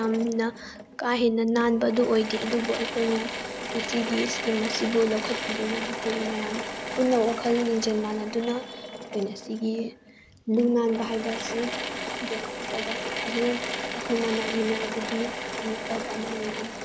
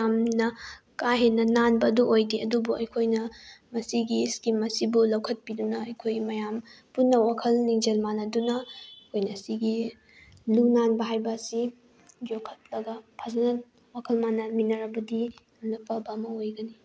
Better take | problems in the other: second | background sound (Drill / Mechanisms); 6 dB below the speech

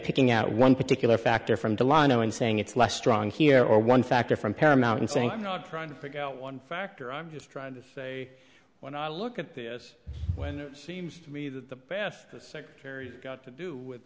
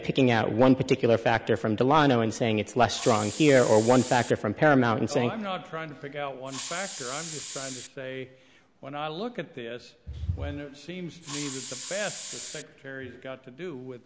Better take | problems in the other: first | background sound (Hiss); 11 dB below the speech

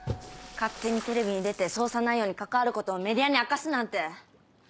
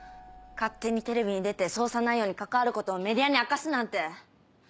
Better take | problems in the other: second | background sound (Splash, splatter); 16 dB below the speech

